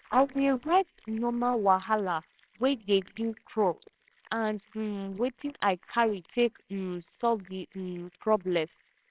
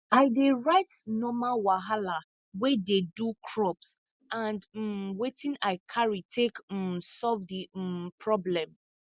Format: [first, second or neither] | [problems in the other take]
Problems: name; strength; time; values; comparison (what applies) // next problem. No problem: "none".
second | noise reduction (neural separator model SepFormer WHAMR!)